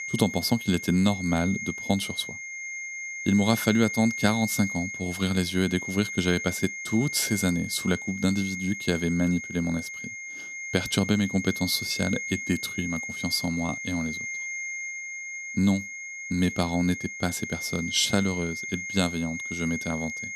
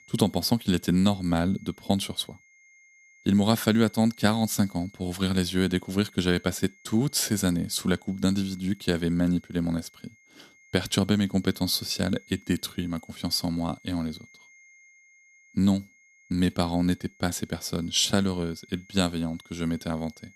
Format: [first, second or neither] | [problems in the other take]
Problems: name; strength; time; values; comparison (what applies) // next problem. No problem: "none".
second | high-pitched whine; loud; throughout; 2 kHz, 6 dB below the speech; faint in the second